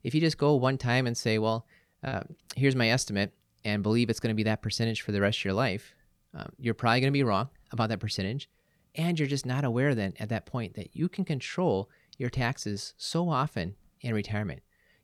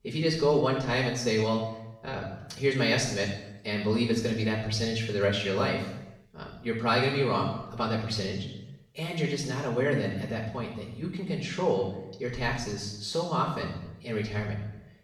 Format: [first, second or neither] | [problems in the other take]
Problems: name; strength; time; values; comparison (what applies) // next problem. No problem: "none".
first | room echo; noticeable; dies away in 0.8 s // off-mic speech; far